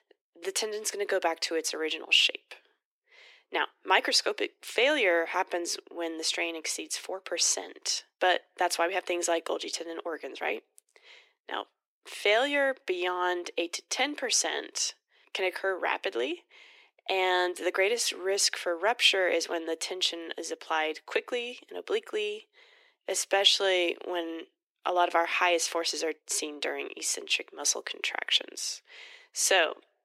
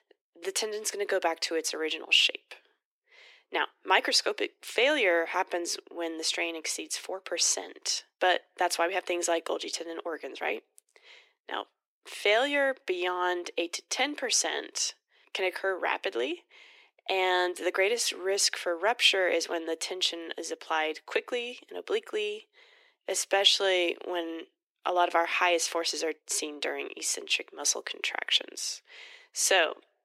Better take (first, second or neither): neither